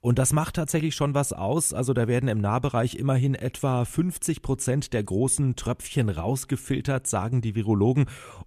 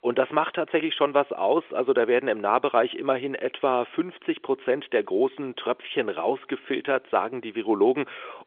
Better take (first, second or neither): first